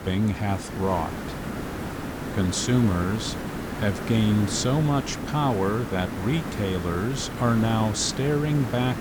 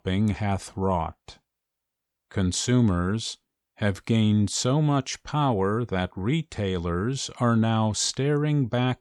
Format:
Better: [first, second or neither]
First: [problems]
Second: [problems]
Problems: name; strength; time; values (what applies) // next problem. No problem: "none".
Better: second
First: hiss; loud; throughout; 7 dB below the speech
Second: none